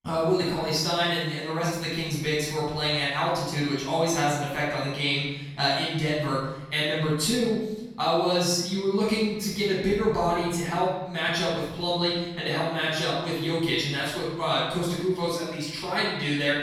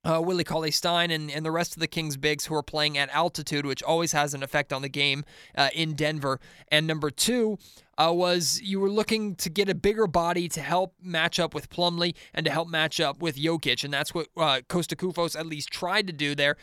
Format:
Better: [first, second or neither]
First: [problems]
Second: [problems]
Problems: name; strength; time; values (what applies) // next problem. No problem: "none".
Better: second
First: off-mic speech; far // room echo; noticeable; dies away in 1 s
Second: none